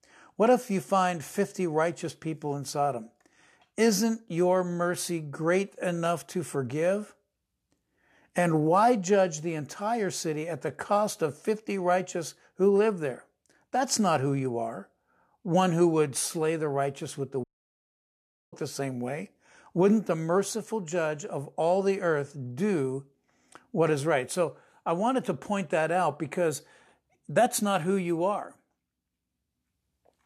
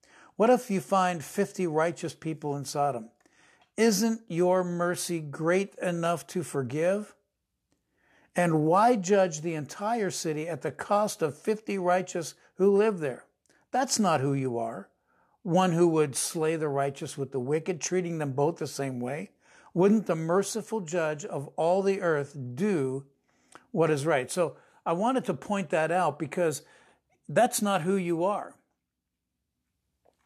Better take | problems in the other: second | audio cutting out; at 17 s for 1 s

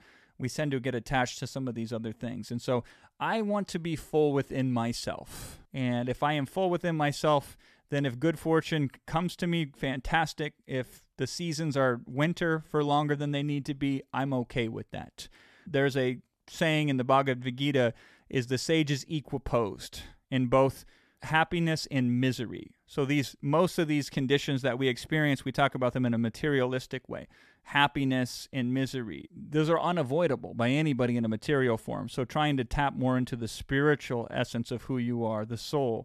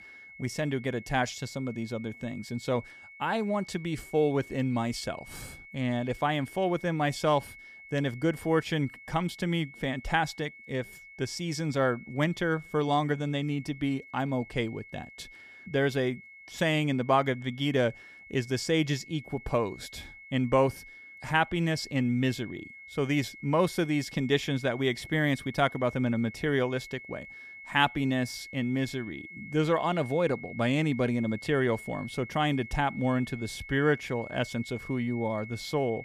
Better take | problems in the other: first | high-pitched whine; noticeable; throughout; 2 kHz, 15 dB below the speech

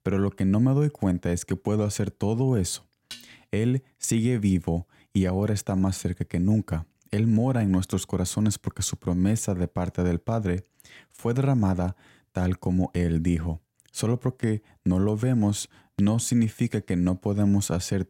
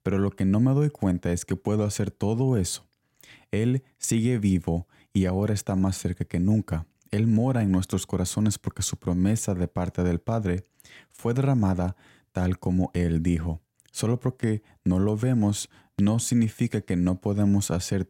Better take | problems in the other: second | clattering dishes; faint; at 3 s; peak 15 dB below the speech

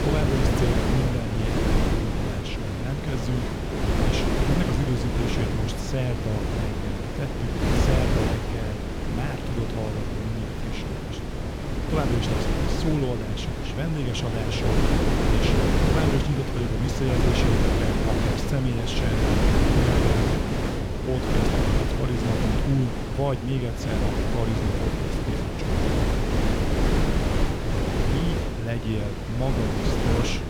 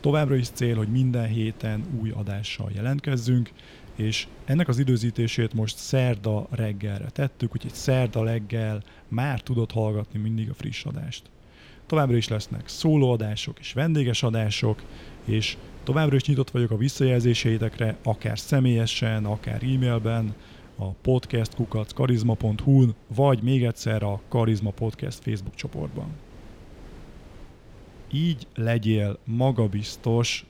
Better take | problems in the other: second | wind noise on the microphone; heavy; 5 dB above the speech; occasional gusts in the second

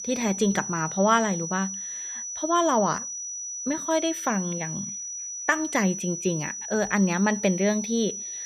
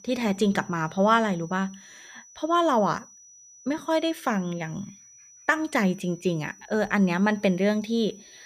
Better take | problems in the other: second | high-pitched whine; loud; throughout; 6 kHz, 6 dB below the speech; faint in the second

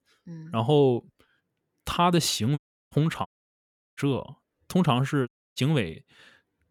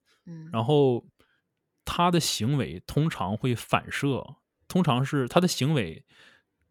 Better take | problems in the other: second | audio cutting out; at 2.5 s, at 3.5 s for 0.5 s and at 5.5 s

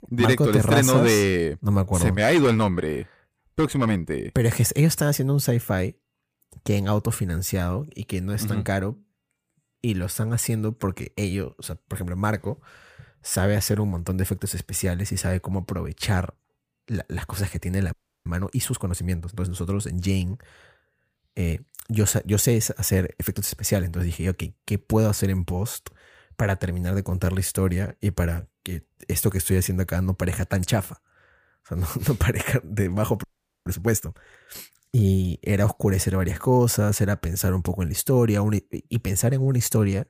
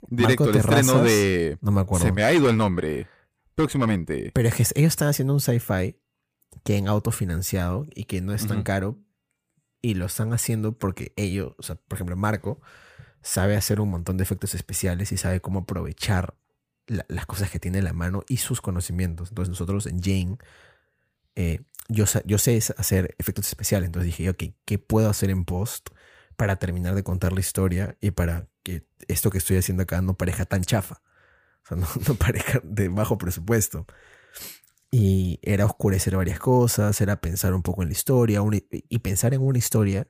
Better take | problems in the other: second | audio freezing; at 18 s and at 33 s

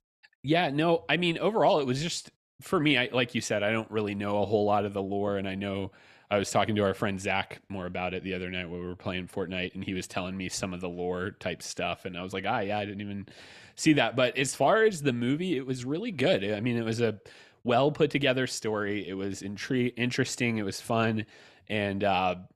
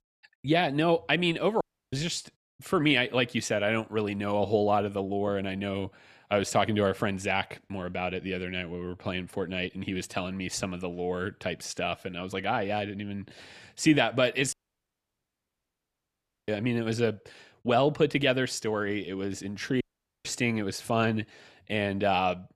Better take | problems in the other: first | audio cutting out; at 1.5 s, at 15 s for 2 s and at 20 s

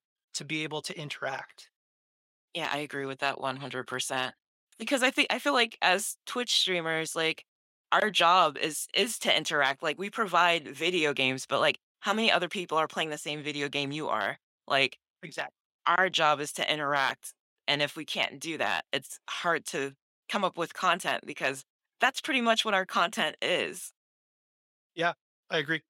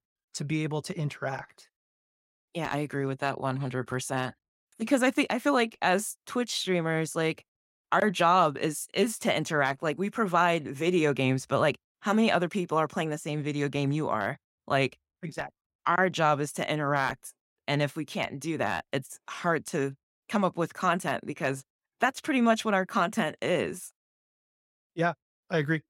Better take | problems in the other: second | thin; very slightly; fading below 1 kHz

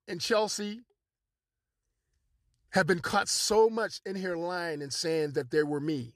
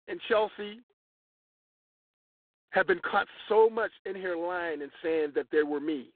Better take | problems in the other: first | phone-call audio; poor line; nothing above 3.5 kHz

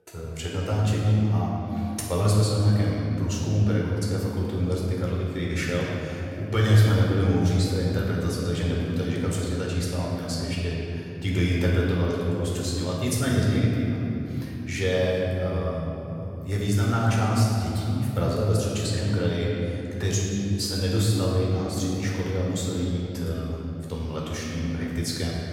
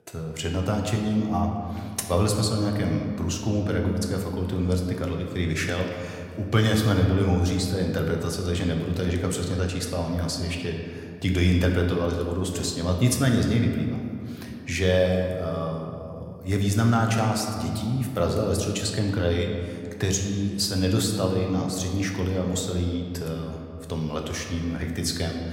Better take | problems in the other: second | room echo; strong; dies away in 3 s; slight in the second // off-mic speech; far

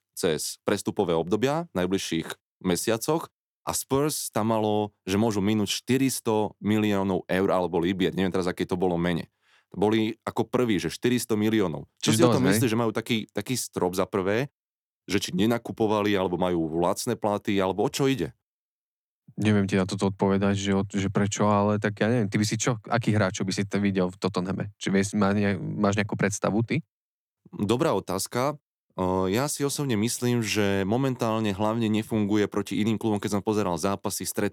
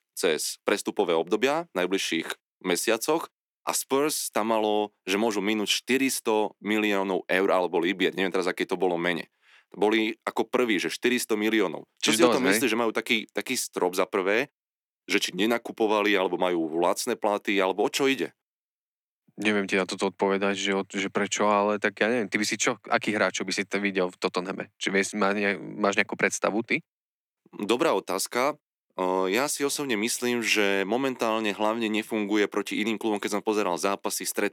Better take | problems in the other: first | thin; very slightly; fading below 250 Hz

